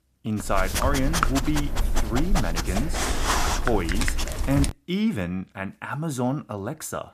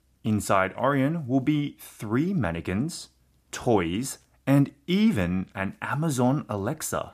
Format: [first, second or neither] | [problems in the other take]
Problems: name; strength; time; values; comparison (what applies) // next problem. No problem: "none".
second | dog barking; loud; until 4.5 s; peak 5 dB above the speech